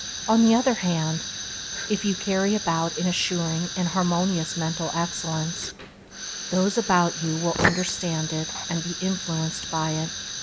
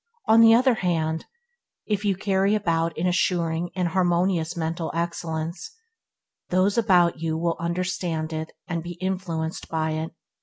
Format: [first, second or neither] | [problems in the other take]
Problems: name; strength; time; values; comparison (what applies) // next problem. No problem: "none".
second | background sound (Fire); 6 dB below the speech